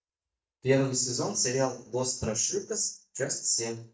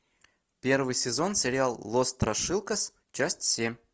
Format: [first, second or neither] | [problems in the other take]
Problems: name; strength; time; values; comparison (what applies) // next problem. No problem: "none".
second | noise reduction (neural mask model DeepFilterNet 3)